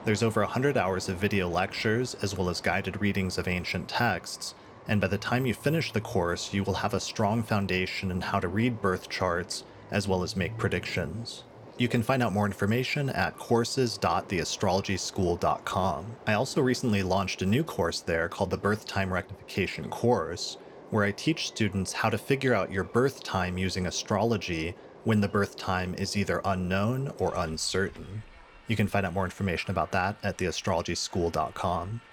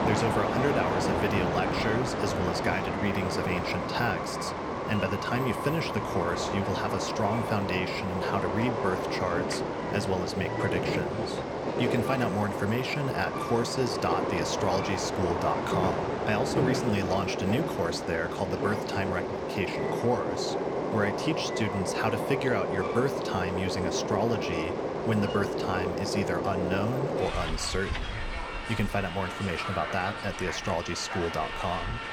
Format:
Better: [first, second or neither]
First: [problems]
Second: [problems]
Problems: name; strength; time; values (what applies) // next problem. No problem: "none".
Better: first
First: train or aircraft noise; faint; throughout; 20 dB below the speech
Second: train or aircraft noise; loud; throughout; as loud as the speech